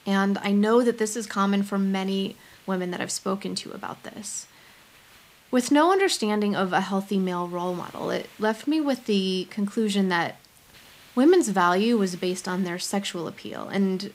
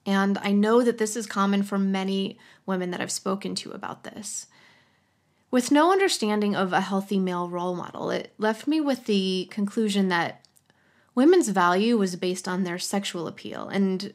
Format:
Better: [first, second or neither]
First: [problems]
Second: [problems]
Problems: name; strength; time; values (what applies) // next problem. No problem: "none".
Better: second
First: hiss; faint; throughout; 25 dB below the speech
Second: none